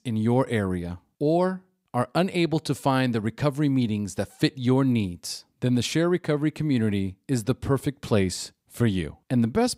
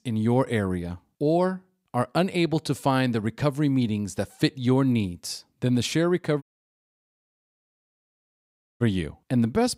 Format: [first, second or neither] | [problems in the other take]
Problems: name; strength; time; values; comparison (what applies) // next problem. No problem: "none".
first | audio cutting out; at 6.5 s for 2.5 s